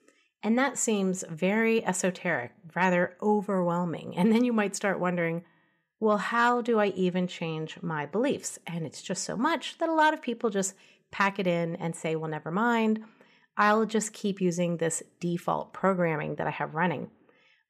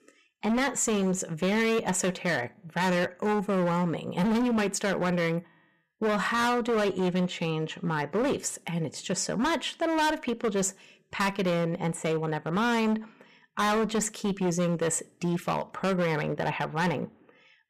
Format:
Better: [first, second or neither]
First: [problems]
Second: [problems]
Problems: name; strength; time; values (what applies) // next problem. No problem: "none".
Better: first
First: none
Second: distortion; heavy; 17% of the sound clipped